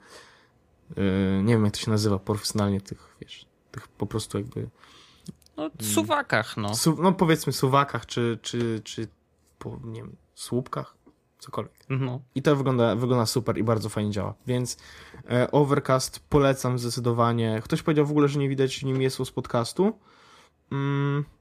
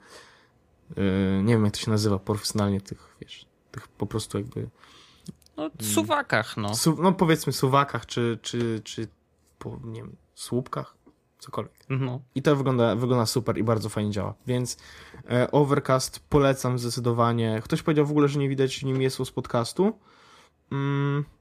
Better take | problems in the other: neither | none

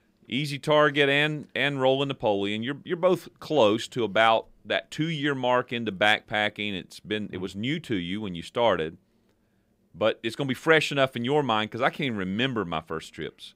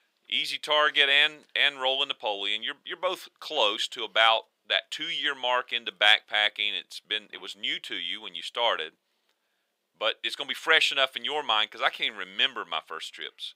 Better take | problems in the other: first | thin; very; fading below 800 Hz

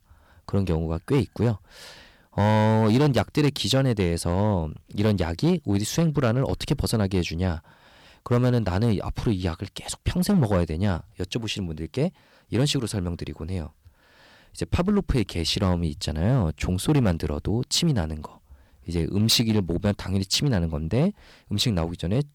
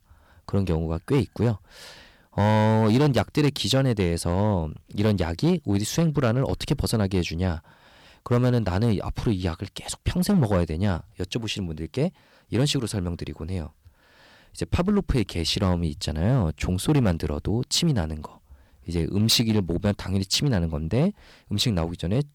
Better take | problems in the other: neither | distortion; slight; 4% of the sound clipped; the same in both

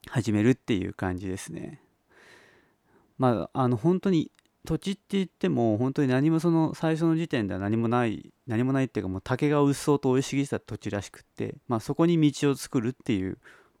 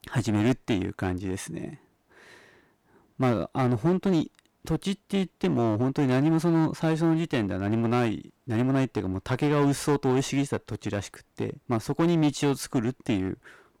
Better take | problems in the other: first | distortion; slight; 9% of the sound clipped

